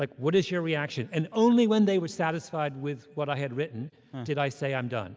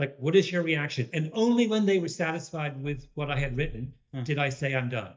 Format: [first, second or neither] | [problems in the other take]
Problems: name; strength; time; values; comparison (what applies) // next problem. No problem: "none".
first | noise reduction (neural mask model DeepFilterNet 3)